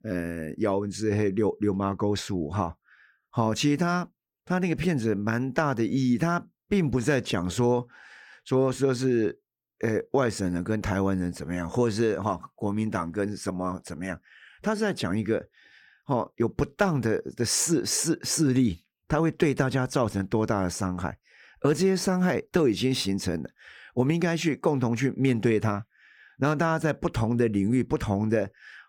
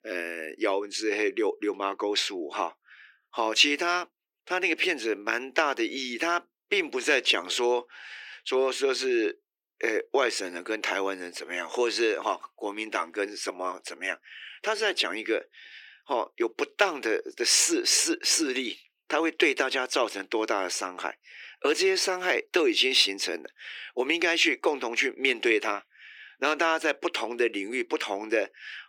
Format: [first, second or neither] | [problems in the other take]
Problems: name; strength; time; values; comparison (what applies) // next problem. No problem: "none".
first | thin; very; fading below 350 Hz